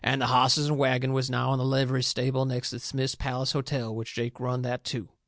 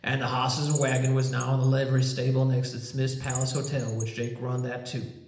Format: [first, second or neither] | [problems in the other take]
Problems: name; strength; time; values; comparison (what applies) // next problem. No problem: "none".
first | background sound (Bird vocalization, bird call, bird song); 16 dB below the speech // room echo; dies away in 0.8 s